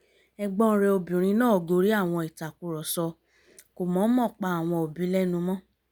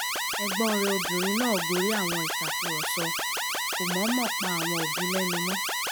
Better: first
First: none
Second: background sound (Alarm); 2 dB above the speech

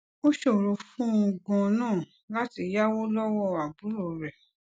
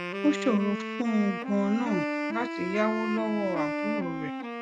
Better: first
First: none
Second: background sound (Wind instrument, woodwind instrument); 4 dB below the speech

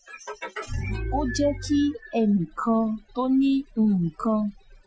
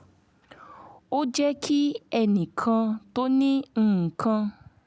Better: second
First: noise reduction (classical method Wiener filter)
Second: none

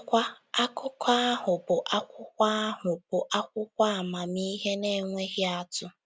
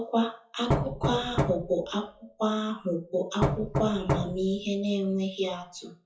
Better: first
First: none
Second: noise reduction (classical method WPE with log-MMSE)

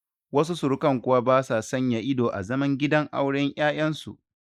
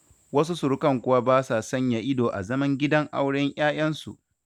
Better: second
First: noise reduction (neural mask model Resemble Enhance denoiser)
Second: none

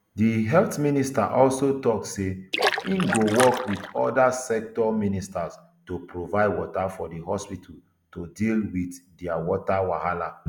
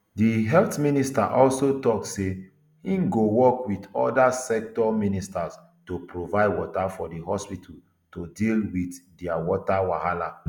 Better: second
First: background sound (Splash, splatter); 3 dB below the speech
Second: none

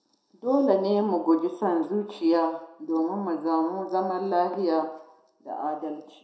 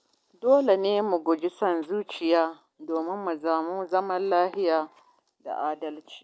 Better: second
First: room echo; dies away in 0.5 s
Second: none

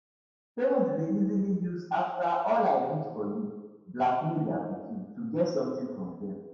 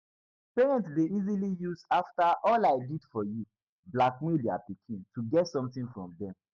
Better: second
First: room echo; dies away in 1.1 s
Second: none

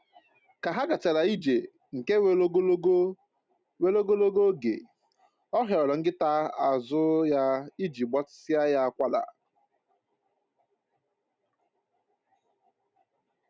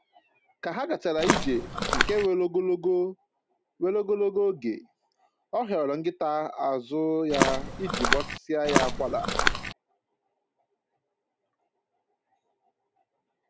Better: first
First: none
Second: background sound (Walk, footsteps); 3 dB above the speech

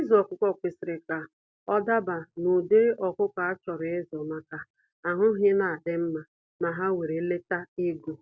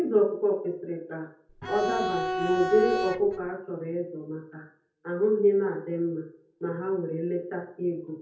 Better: first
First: none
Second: background sound (Bowed string instrument); 1 dB below the speech // room echo; dies away in 0.5 s

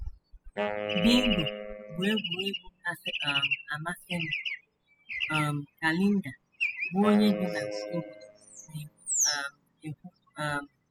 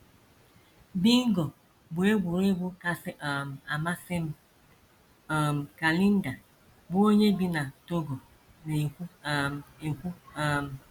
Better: second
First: noise reduction (classical method spectral subtraction)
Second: none

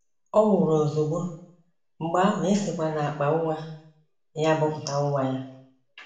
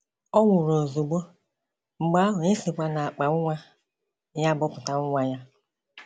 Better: second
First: room echo; dies away in 0.6 s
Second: none

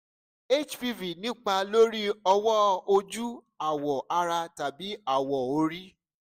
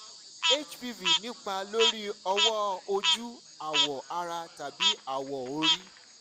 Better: first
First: none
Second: background sound (Frog); 3 dB above the speech

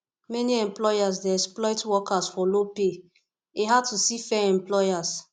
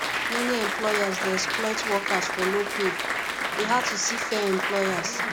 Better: first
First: none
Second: background sound (Applause); as loud as the speech

